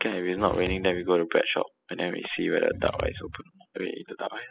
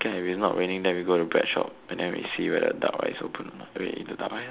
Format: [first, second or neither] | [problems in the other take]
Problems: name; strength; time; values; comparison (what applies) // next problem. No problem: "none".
second | noise reduction (classical method spectral subtraction)